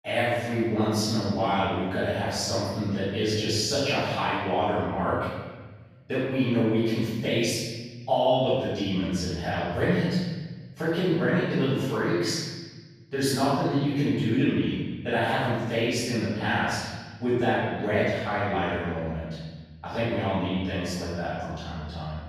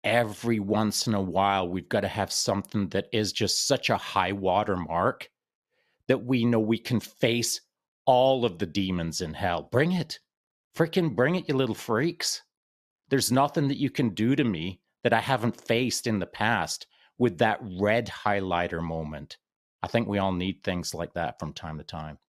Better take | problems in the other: second | off-mic speech; far // room echo; strong; dies away in 1.4 s

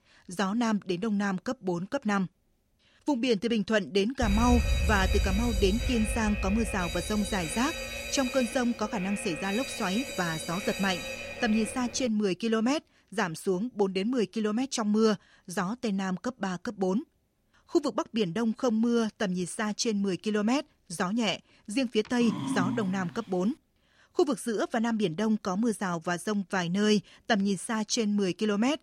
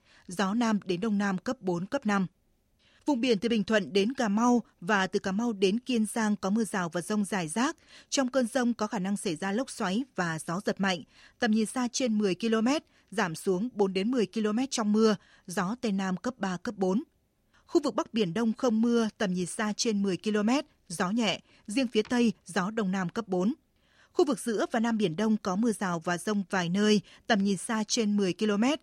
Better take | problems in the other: second | alarm; loud; from 4 to 12 s; peak 1 dB above the speech // dog barking; noticeable; at 22 s; peak 2 dB below the speech

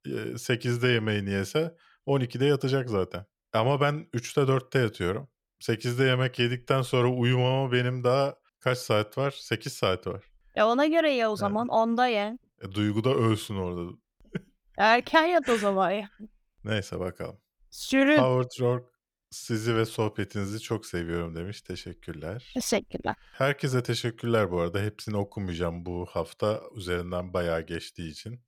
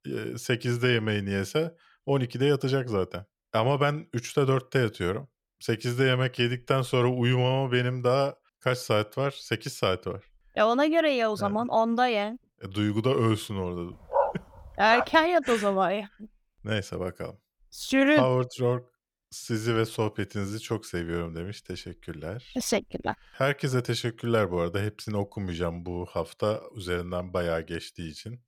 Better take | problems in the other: first | dog barking; noticeable; at 14 s; peak level with the speech

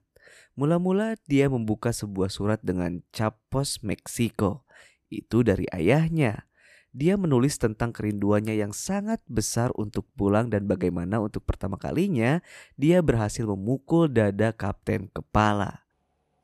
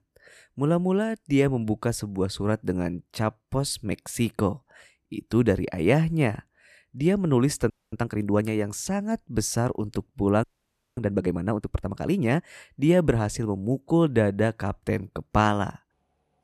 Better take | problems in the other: first | audio freezing; at 7.5 s and at 10 s for 0.5 s

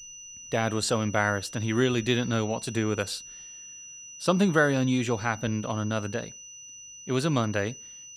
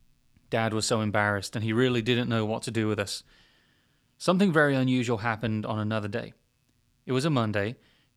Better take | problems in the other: second | high-pitched whine; noticeable; throughout; 6 kHz, 15 dB below the speech

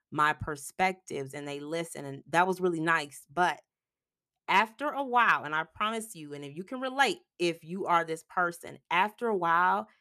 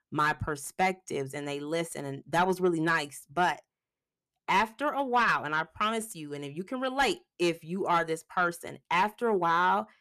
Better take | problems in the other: first | distortion; slight; 10 dB below the speech

